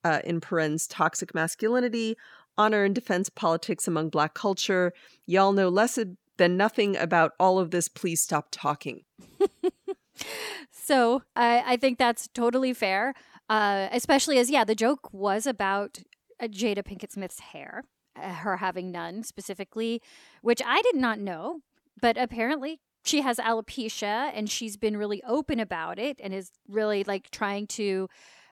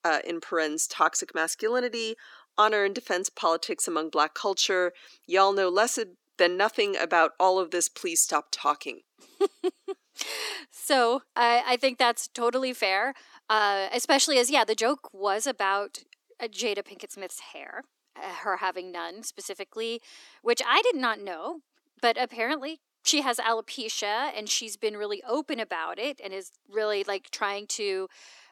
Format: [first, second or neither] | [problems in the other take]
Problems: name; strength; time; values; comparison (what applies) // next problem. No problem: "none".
first | thin; somewhat; fading below 300 Hz